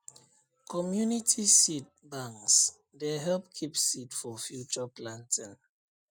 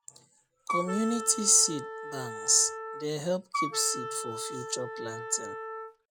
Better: first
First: none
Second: background sound (Wind instrument, woodwind instrument); 6 dB below the speech

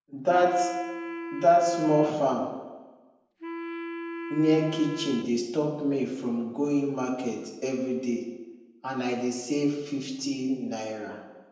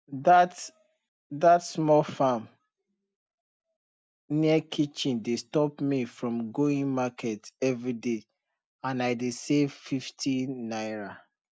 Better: second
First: background sound (Wind instrument, woodwind instrument); 10 dB below the speech // room echo; dies away in 1 s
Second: none

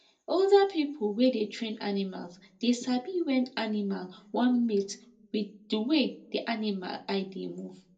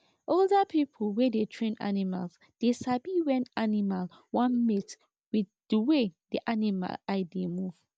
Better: second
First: room echo; dies away in 0.2 s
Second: none

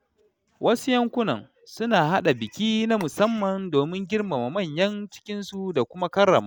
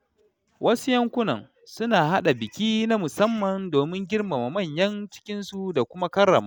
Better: second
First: background sound (Telephone); 18 dB below the speech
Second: none

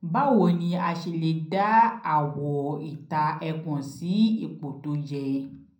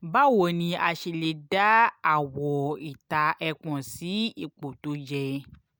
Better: second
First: room echo; dies away in 0.6 s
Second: none

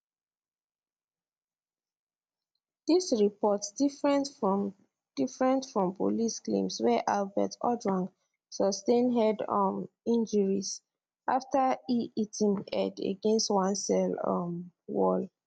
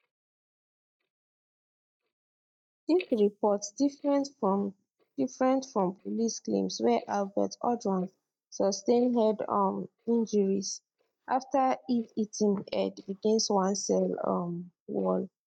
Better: first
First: none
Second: noise reduction (neural mask model DeepFilterNet 3)

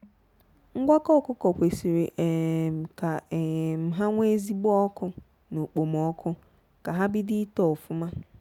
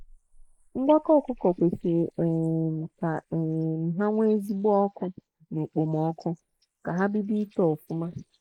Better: first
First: none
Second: noise reduction (neural mask model Resemble Enhance denoiser)

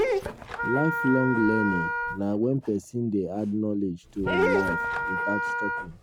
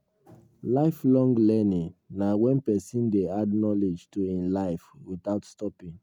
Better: second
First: background sound (Wind instrument, woodwind instrument + Dog); 1 dB below the speech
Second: none

